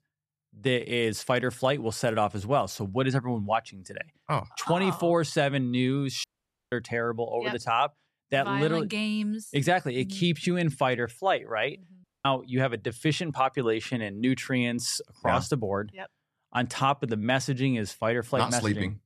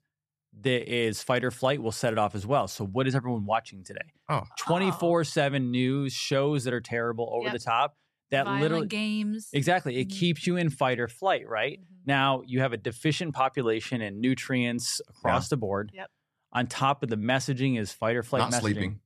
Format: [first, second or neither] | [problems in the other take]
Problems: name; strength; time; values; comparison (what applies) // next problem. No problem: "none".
second | audio cutting out; at 6 s and at 12 s